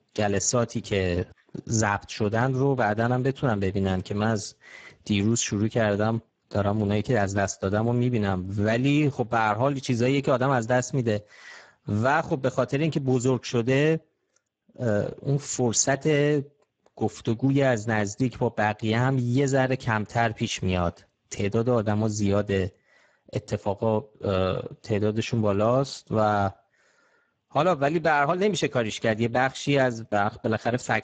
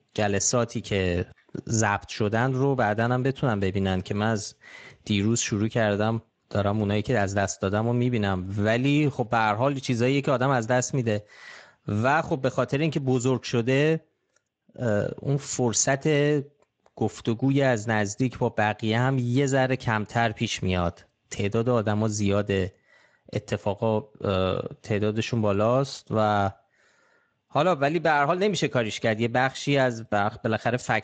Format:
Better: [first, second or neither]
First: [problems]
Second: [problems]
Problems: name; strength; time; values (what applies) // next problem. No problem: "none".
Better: second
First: garbled, watery; badly; nothing above 7.5 kHz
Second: garbled, watery; slightly; nothing above 7.5 kHz